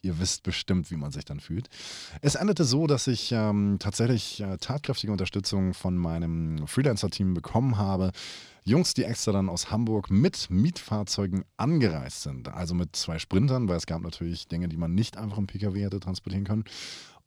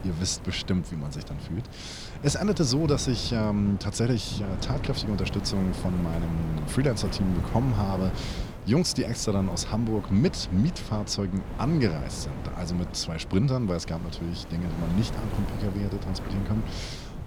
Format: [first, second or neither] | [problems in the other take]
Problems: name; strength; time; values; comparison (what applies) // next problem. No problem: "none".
first | wind noise on the microphone; heavy; 9 dB below the speech